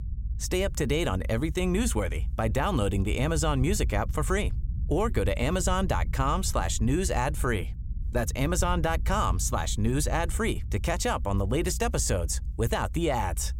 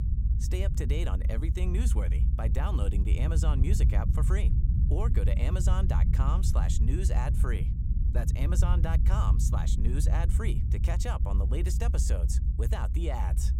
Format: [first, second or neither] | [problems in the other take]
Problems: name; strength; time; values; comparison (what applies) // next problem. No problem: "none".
first | low rumble; loud; throughout; 5 dB below the speech; faint in the first